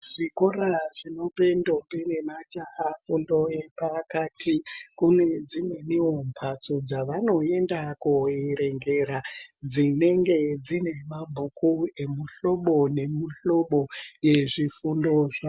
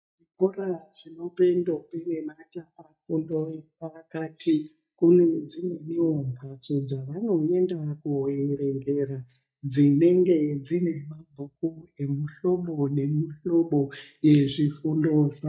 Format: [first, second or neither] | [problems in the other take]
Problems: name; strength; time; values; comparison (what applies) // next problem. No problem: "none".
first | noise reduction (neural mask model DeepFilterNet 3)